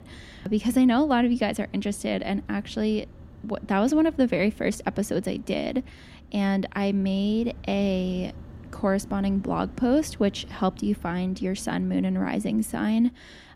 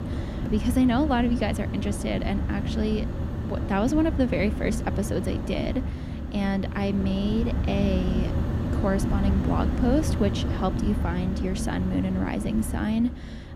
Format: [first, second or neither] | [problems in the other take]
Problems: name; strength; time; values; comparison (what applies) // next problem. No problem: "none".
first | wind noise on the microphone; heavy; 7 dB below the speech; occasional gusts in the first